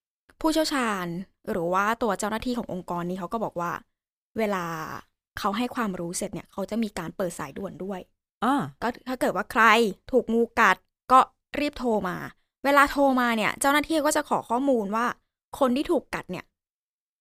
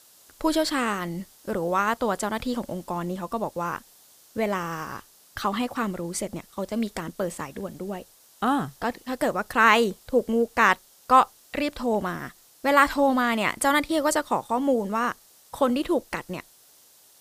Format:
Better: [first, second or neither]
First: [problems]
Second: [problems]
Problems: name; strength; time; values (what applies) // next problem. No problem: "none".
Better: first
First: none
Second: hiss; faint; throughout; 25 dB below the speech